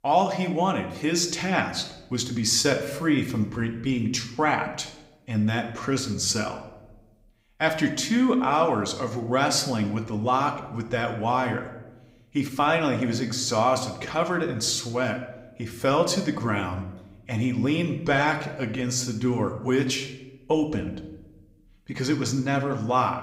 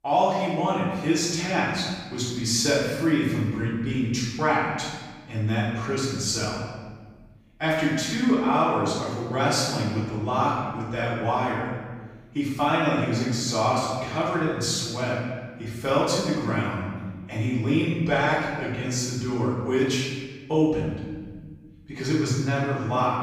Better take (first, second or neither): first